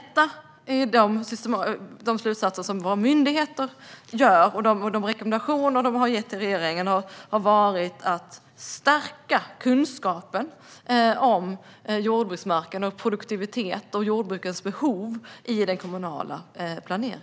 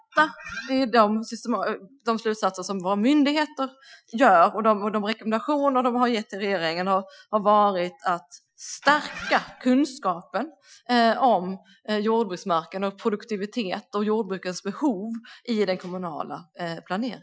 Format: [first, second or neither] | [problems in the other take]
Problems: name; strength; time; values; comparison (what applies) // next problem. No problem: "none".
first | noise reduction (classical method Wiener filter)